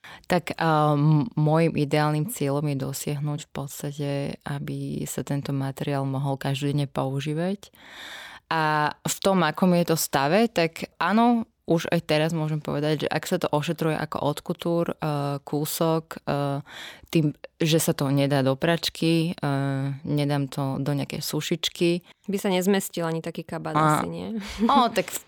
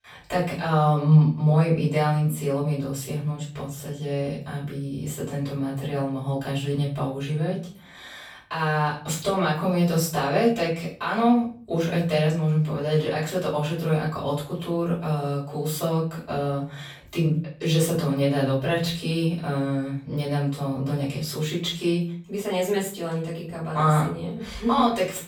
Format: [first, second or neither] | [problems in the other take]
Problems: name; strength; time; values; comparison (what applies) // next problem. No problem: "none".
first | off-mic speech; far // room echo; noticeable; dies away in 0.4 s